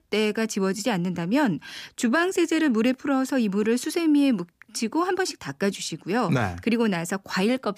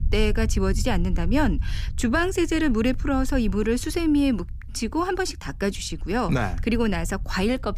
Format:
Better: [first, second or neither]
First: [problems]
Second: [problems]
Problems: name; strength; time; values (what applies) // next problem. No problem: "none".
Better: first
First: none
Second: low rumble; faint; throughout; 25 dB below the speech